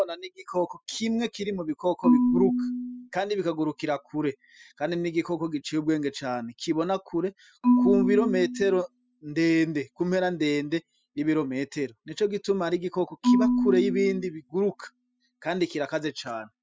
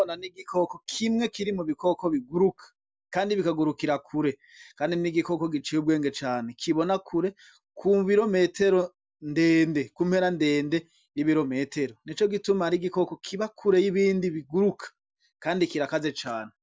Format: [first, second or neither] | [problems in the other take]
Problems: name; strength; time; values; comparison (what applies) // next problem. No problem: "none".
second | noise reduction (classical method spectral subtraction)